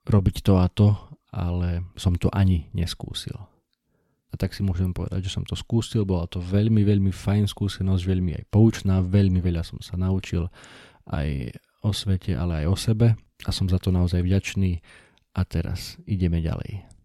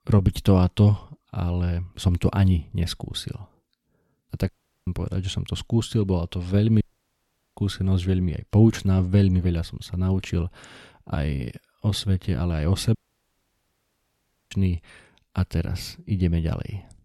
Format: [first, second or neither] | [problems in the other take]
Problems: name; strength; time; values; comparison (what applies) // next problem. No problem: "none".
first | audio cutting out; at 4.5 s, at 7 s for 1 s and at 13 s for 1.5 s